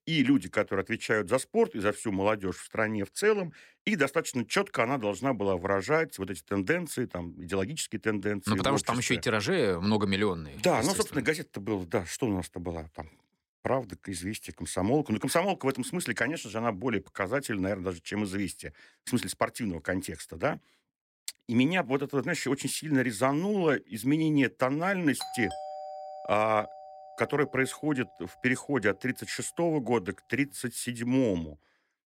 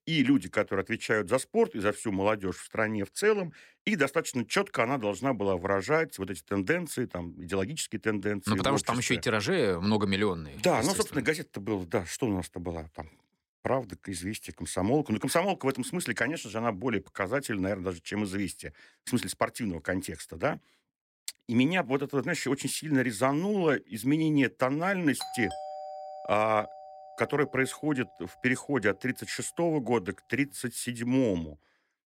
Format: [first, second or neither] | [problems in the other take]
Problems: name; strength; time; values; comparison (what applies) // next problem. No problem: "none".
neither | doorbell; noticeable; from 25 to 27 s; peak 9 dB below the speech; the same in both